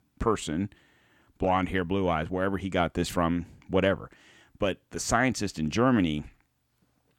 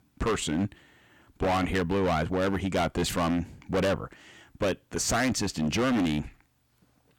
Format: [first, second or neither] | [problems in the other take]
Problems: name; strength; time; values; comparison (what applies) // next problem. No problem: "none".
first | distortion; heavy; 15% of the sound clipped